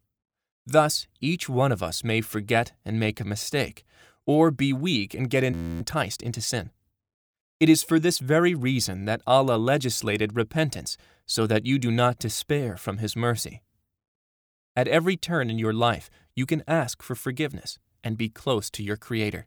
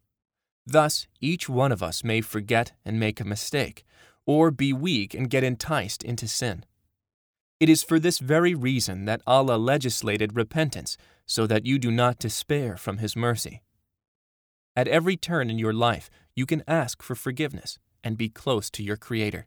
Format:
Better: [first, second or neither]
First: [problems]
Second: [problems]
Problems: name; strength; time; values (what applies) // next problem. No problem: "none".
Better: second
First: audio freezing; at 5.5 s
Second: none